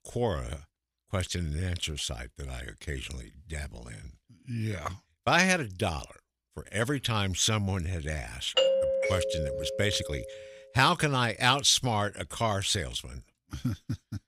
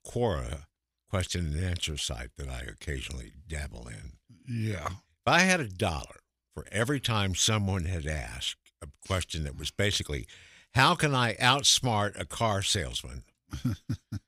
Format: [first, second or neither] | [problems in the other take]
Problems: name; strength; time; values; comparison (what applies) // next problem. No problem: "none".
second | doorbell; loud; from 8.5 to 10 s; peak 5 dB above the speech